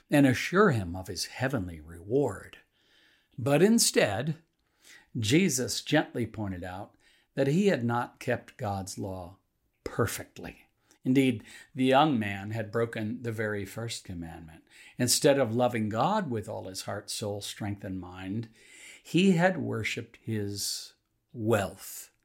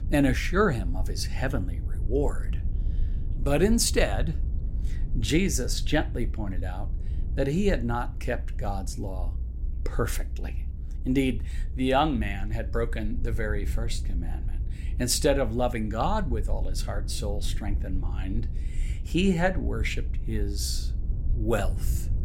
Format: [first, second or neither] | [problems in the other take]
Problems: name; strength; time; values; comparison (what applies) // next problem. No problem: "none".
first | low rumble; faint; throughout; 20 dB below the speech